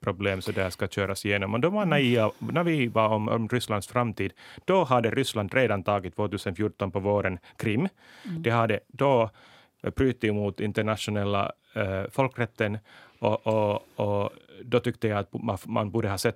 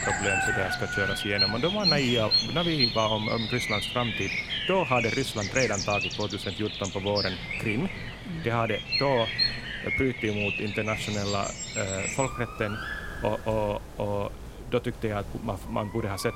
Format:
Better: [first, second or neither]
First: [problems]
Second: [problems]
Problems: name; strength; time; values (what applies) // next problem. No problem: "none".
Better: first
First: none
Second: animal sounds; very loud; throughout; 1 dB above the speech